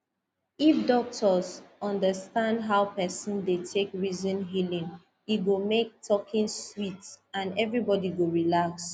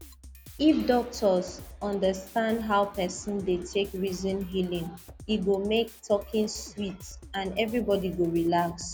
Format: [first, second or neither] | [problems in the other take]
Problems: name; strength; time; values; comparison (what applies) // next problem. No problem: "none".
first | background sound (Drum kit); 19 dB below the speech